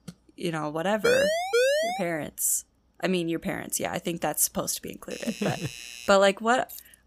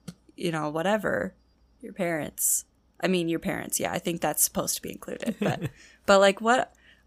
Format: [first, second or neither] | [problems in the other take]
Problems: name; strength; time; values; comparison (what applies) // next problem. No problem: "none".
second | siren; loud; at 1 s; peak 4 dB above the speech // doorbell; faint; from 5 to 6 s; peak 10 dB below the speech // jangling keys; faint; at 6.5 s; peak 15 dB below the speech